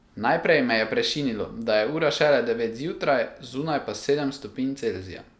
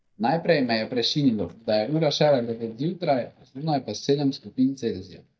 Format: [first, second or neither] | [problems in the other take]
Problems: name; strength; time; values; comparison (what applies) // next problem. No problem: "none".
first | noise reduction (neural mask model DeepFilterNet 3)